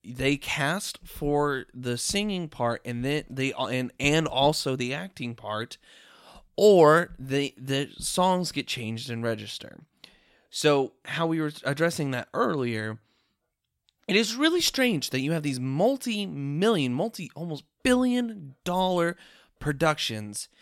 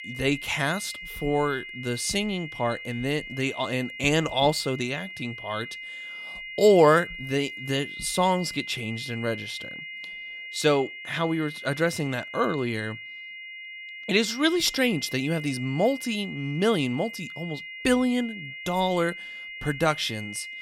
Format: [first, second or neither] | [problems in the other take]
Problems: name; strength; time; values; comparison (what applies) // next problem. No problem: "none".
first | high-pitched whine; noticeable; throughout; 2 kHz, 10 dB below the speech